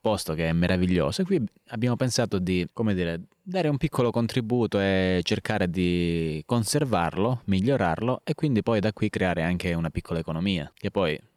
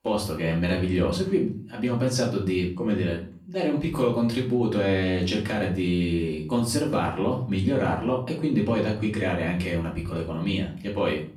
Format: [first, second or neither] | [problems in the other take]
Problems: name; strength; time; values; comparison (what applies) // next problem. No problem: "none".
first | off-mic speech; far // room echo; slight; dies away in 0.4 s